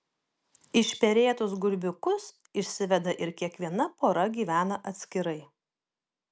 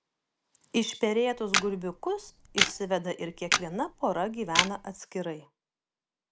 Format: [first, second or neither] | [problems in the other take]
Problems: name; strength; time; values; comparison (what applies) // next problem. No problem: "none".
first | background sound (Camera); as loud as the speech